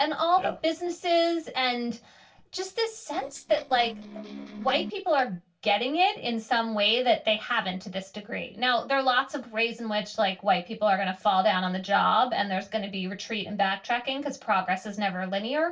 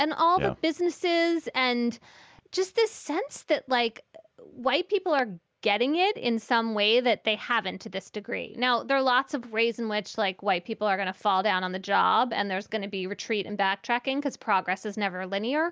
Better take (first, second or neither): second